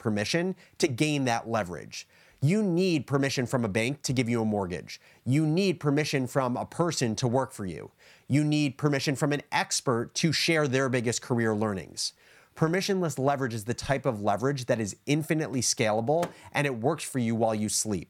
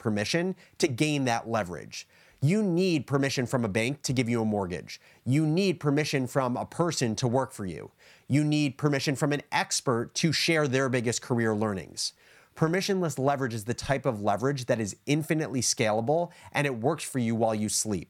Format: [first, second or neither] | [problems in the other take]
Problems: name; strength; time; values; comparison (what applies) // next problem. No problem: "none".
second | household noises; very faint; throughout; 20 dB below the speech